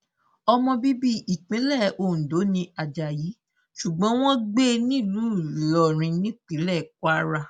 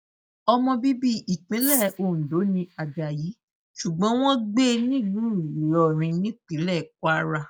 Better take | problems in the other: first | noise reduction (neural mask model DeepFilterNet 3)

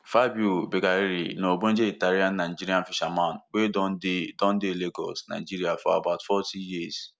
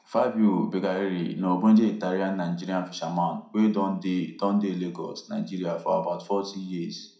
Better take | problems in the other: first | room echo; dies away in 0.4 s

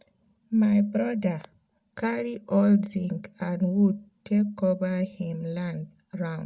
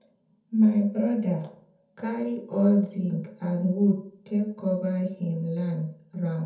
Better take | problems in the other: first | room echo; dies away in 0.5 s

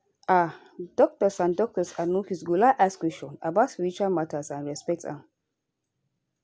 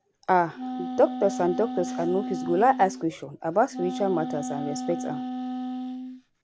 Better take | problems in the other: first | background sound (Wind instrument, woodwind instrument); 7 dB below the speech

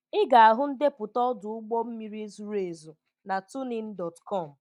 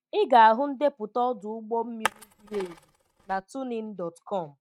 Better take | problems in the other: first | noise reduction (neural mask model RNNoise)

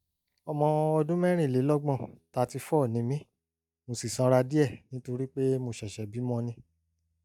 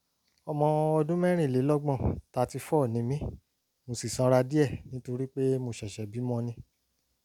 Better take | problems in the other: second | noise reduction (neural mask model DeepFilterNet 3)

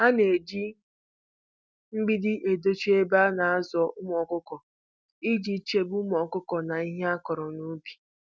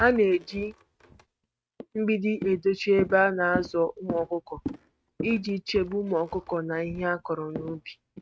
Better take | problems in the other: first | noise reduction (neural mask model RNNoise)

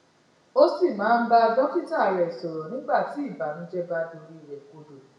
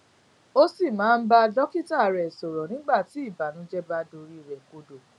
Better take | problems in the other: second | room echo; dies away in 0.8 s

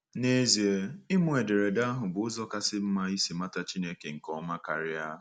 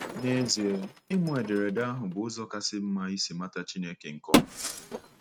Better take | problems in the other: first | noise reduction (neural mask model RNNoise)

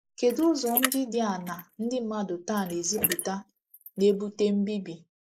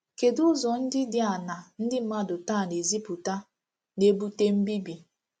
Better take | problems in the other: second | noise reduction (neural mask model Resemble Enhance denoiser)

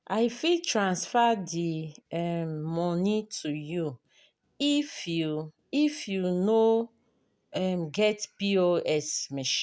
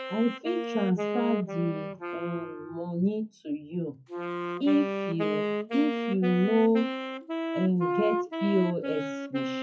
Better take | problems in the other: first | noise reduction (classical method WPE with log-MMSE)

